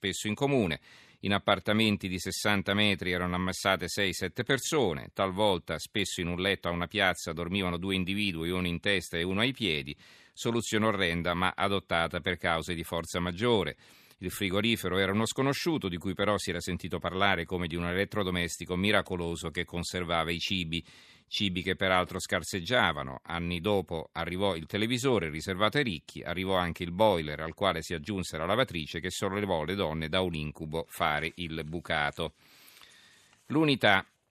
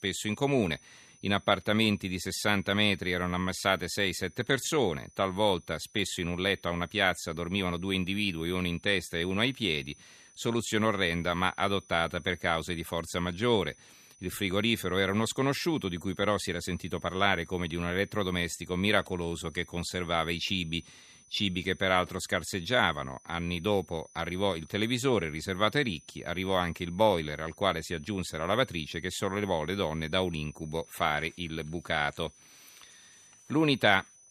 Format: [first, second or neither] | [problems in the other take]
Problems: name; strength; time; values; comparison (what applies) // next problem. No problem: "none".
first | high-pitched whine; faint; throughout; 6 kHz, 25 dB below the speech